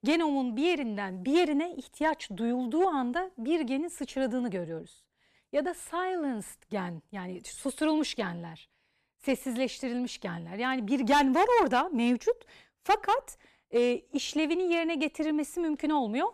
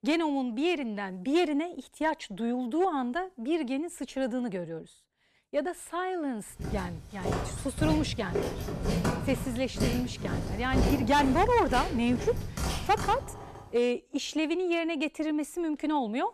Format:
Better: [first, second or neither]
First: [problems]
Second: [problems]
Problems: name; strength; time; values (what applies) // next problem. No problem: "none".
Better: first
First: none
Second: footsteps; loud; from 6.5 to 13 s; peak 2 dB above the speech